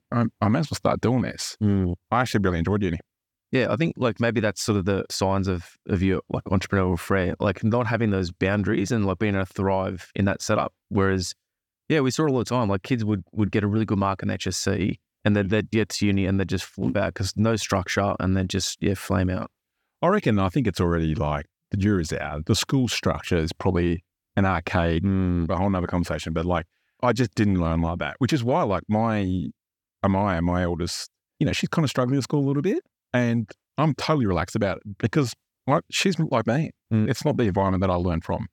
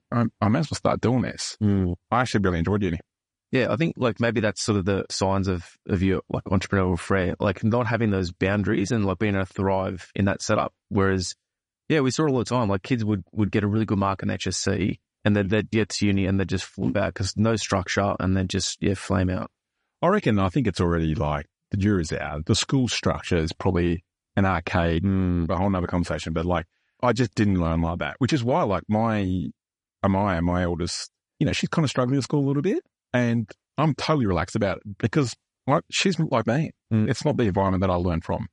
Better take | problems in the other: first | garbled, watery; slightly; nothing above 10 kHz

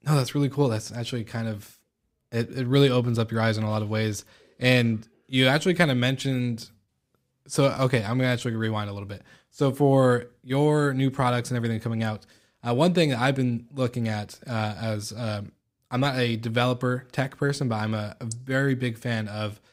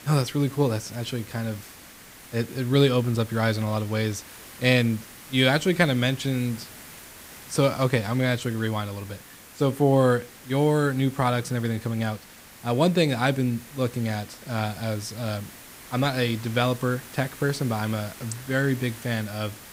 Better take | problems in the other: first | hiss; noticeable; throughout; 20 dB below the speech

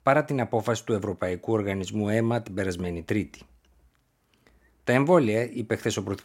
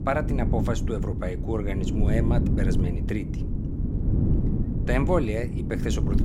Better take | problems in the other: first | wind noise on the microphone; heavy; 5 dB below the speech

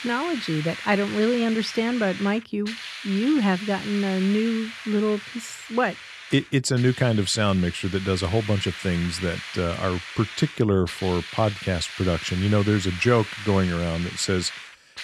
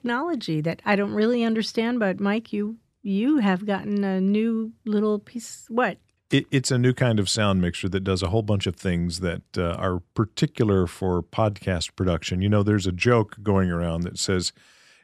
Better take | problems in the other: second | hiss; noticeable; throughout; 10 dB below the speech

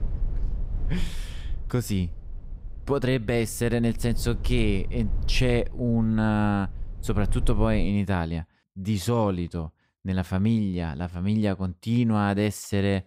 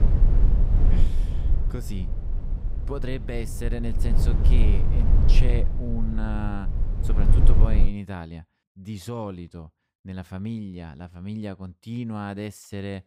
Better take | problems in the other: first | low rumble; loud; until 8 s; 3 dB below the speech; faint in the first

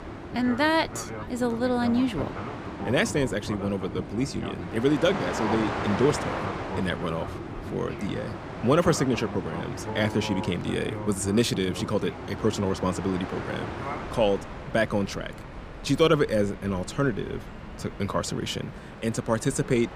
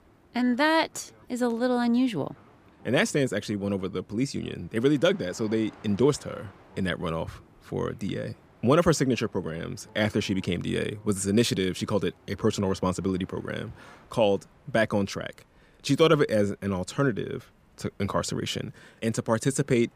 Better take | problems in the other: second | train or aircraft noise; loud; throughout; 8 dB below the speech; faint in the second

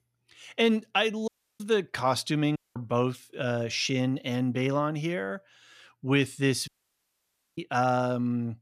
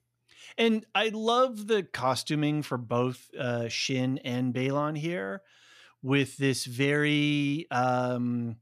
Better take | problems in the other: second | audio cutting out; at 1.5 s, at 2.5 s and at 6.5 s for 1 s

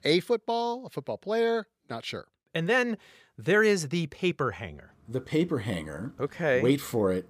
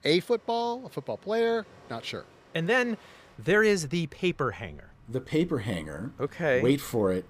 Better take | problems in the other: first | train or aircraft noise; faint; throughout; 25 dB below the speech

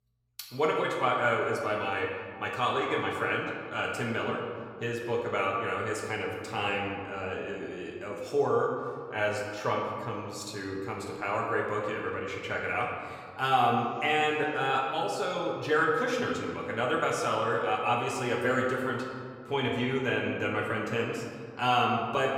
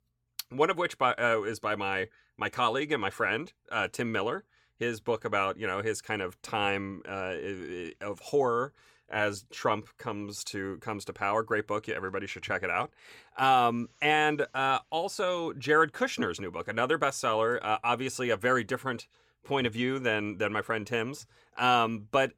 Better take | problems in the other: second | room echo; noticeable; dies away in 1.7 s // off-mic speech; far

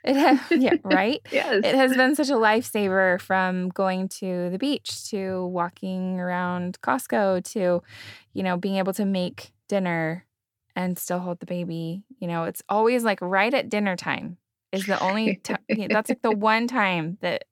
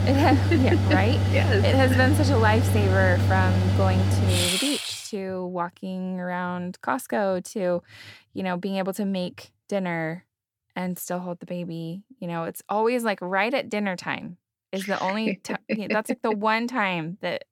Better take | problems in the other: first | machinery noise; very loud; until 5 s; 3 dB above the speech

